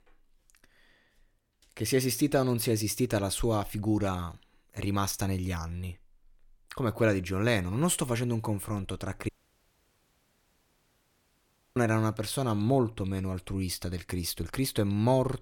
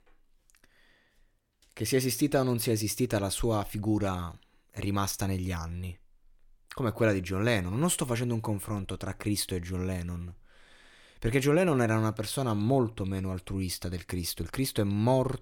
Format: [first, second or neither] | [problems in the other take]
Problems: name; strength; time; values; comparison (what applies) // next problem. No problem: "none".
second | audio cutting out; at 9.5 s for 2.5 s